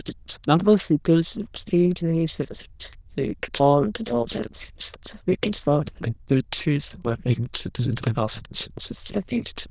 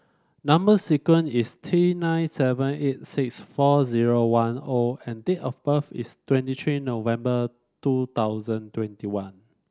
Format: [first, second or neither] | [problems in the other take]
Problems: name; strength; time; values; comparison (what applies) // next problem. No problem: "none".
second | noise reduction (neural diffusion model UNIVERSE++)